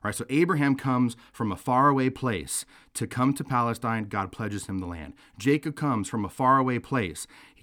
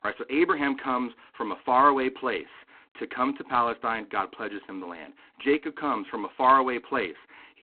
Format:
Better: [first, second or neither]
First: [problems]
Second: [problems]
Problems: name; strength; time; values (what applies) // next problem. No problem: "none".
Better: first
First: none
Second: phone-call audio; poor line; nothing above 4 kHz